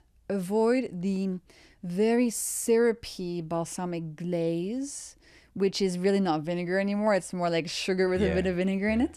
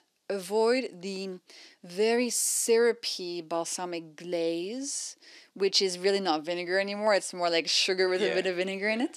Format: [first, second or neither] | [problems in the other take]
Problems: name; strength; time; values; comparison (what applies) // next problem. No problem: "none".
first | thin; somewhat; fading below 300 Hz